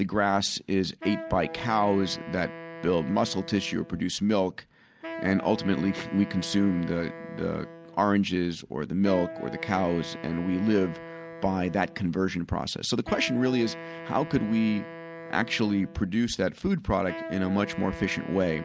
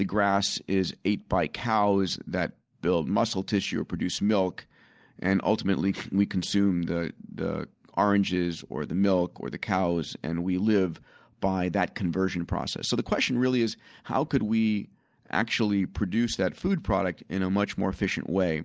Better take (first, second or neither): second